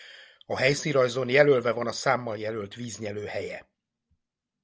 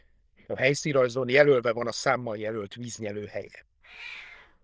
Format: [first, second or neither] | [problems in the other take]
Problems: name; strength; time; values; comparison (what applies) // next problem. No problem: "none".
first | noise reduction (neural diffusion model UNIVERSE++)